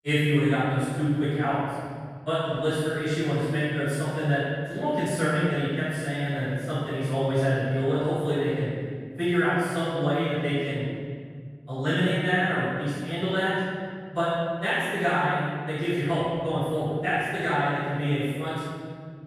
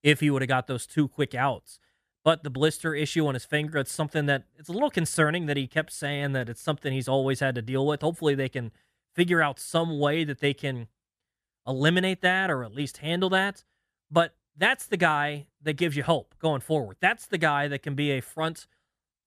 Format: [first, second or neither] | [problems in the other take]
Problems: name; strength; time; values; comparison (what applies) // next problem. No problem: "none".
second | off-mic speech; far // room echo; strong; dies away in 2.1 s